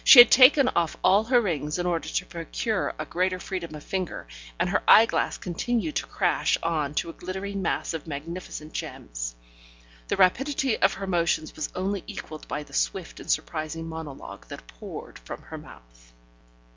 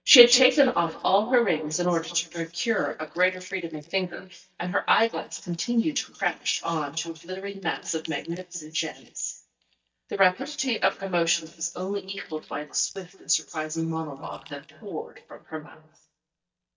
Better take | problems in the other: first | noise reduction (neural mask model DeepFilterNet 3)

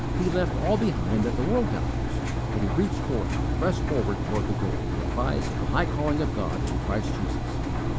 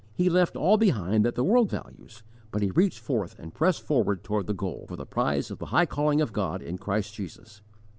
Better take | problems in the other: second | background sound (Engine); 3 dB above the speech

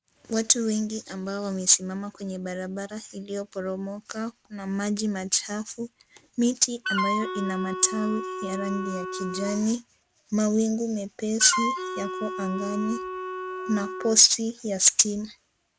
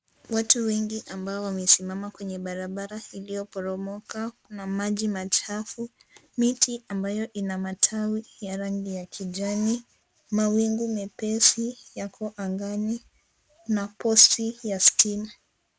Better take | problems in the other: second | background sound (Wind instrument, woodwind instrument); 5 dB below the speech

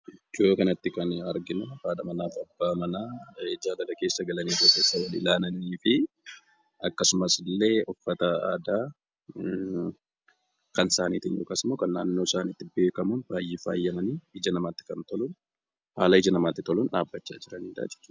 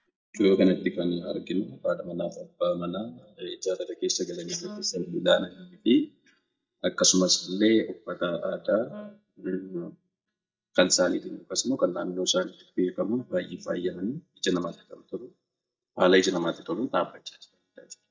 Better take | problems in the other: first | noise reduction (neural mask model DeepFilterNet 3)

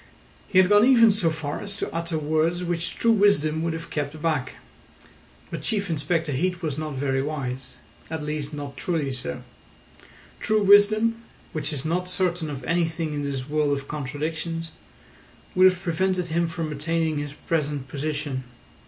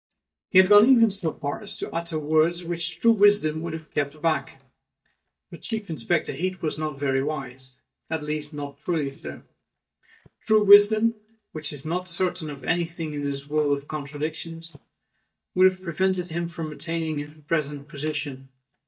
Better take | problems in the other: first | noise reduction (neural mask model DeepFilterNet 3)

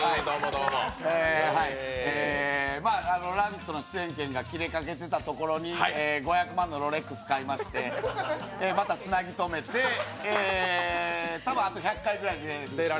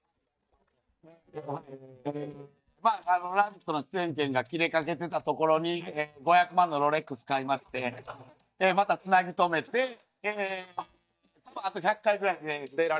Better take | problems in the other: first | noise reduction (neural mask model DeepFilterNet 3)

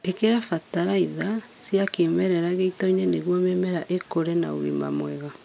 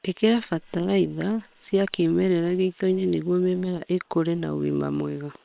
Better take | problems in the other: first | noise reduction (neural separator model SepFormer WHAM!)

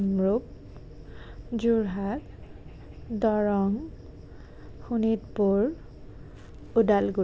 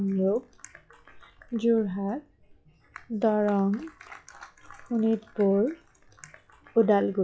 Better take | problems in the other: first | noise reduction (classical method log-MMSE)

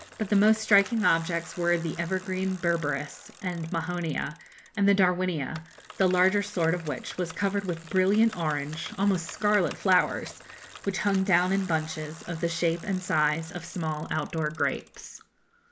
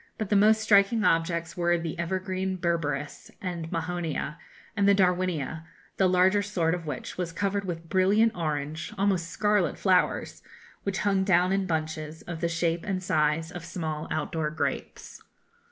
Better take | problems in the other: second | background sound (Bicycle); 20 dB below the speech

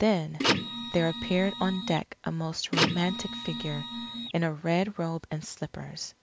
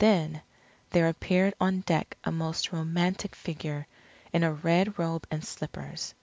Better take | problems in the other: second | background sound (Printer); 1 dB below the speech

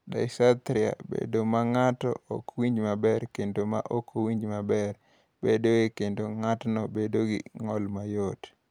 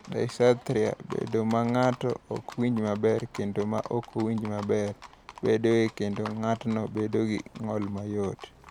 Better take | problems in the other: first | background sound (Livestock, farm animals, working animals + Clapping); 20 dB below the speech

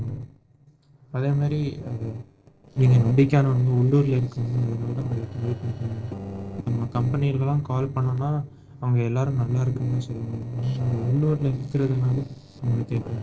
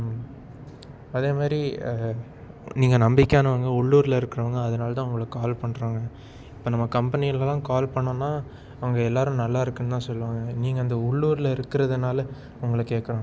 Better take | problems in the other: second | noise reduction (neural separator model SepFormer DNS4)

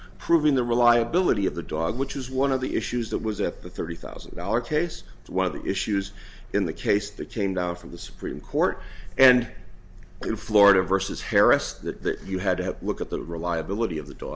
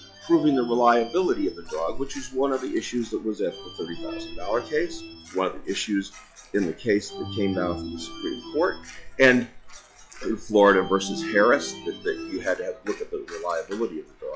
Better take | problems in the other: first | noise reduction (classical method log-MMSE)

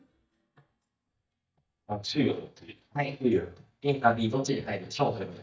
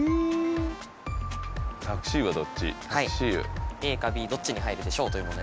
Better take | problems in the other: second | noise reduction (neural mask model DeepFilterNet 3)

